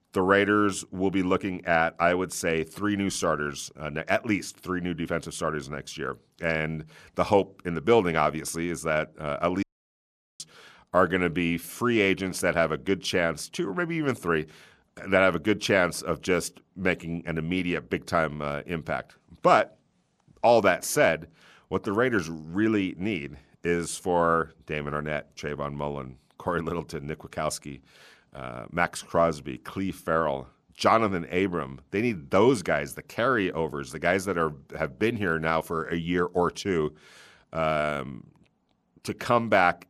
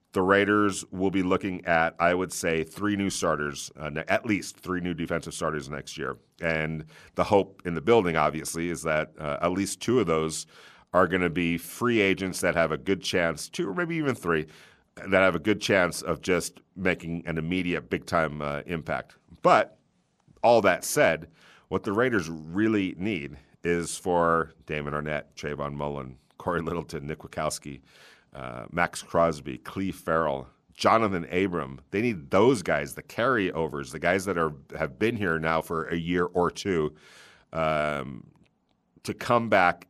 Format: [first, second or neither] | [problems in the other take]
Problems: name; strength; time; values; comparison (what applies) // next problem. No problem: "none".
second | audio cutting out; at 9.5 s for 1 s